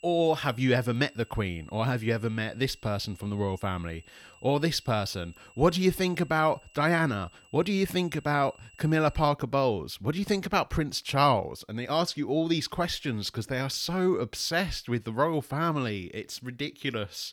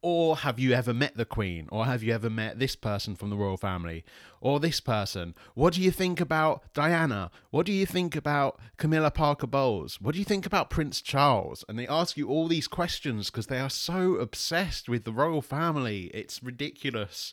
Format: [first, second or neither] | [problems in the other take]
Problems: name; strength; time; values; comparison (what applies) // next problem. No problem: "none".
second | high-pitched whine; faint; until 9.5 s; 3 kHz, 25 dB below the speech